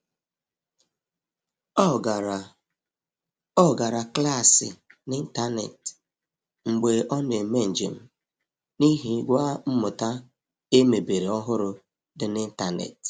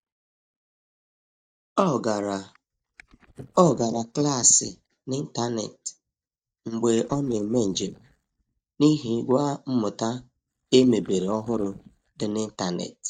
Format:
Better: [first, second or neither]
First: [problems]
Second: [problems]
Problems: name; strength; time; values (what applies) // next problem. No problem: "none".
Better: first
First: none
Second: noise reduction (neural mask model DeepFilterNet 3)